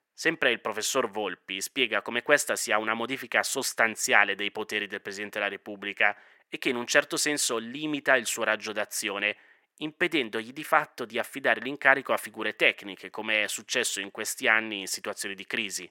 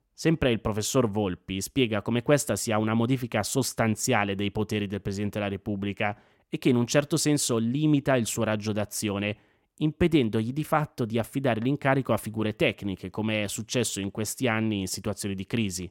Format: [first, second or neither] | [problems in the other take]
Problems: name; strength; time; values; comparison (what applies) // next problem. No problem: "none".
second | thin; very; fading below 450 Hz